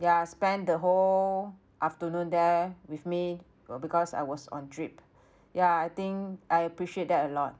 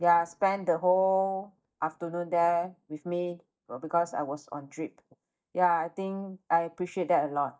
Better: first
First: none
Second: noise reduction (neural mask model DeepFilterNet 3)

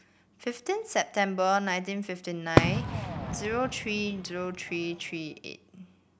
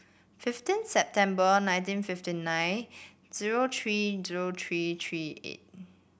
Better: second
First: background sound (Fireworks); 1 dB above the speech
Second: none

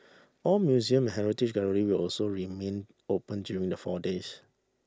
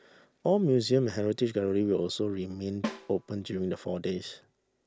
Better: first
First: none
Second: background sound (Snare drum); 12 dB below the speech

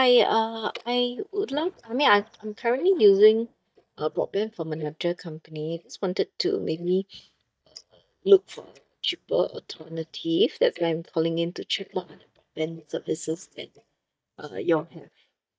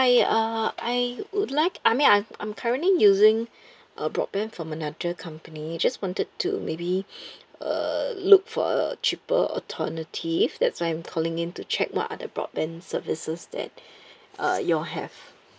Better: second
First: noise reduction (neural mask model DeepFilterNet 3)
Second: none

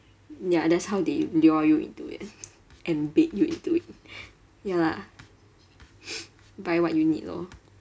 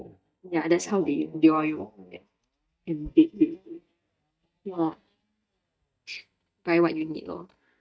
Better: first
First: none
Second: noise reduction (neural mask model DeepFilterNet 3)

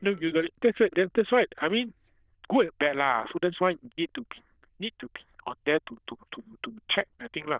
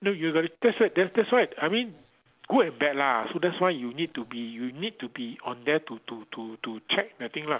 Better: second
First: noise reduction (neural diffusion model UNIVERSE++)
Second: none

